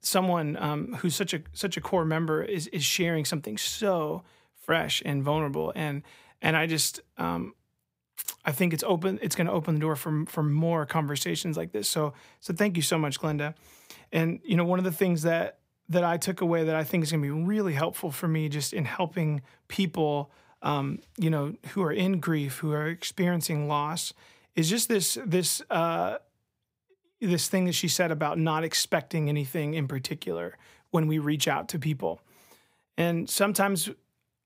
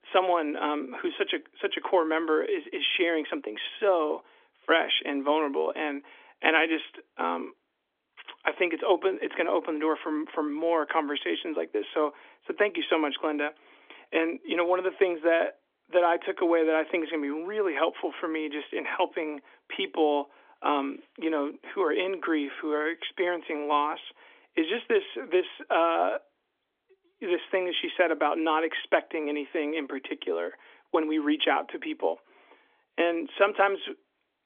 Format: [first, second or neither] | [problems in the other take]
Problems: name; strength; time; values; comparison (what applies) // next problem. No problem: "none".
first | phone-call audio; nothing above 3.5 kHz